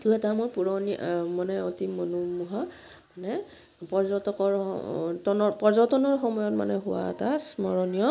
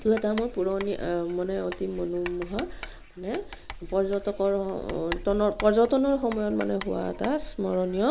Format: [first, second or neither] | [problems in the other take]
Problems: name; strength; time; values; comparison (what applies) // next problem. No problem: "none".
first | background sound (Writing); 13 dB below the speech